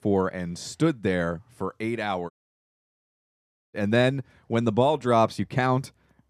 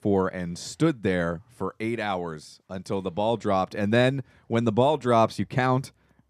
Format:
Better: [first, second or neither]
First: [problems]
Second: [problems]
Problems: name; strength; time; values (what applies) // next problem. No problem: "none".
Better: second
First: audio cutting out; at 2.5 s for 1.5 s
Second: none